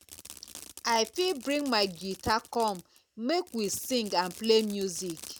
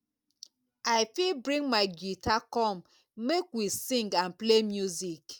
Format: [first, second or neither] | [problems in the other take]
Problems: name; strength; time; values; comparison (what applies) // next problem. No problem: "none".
second | background sound (Fireworks); 18 dB below the speech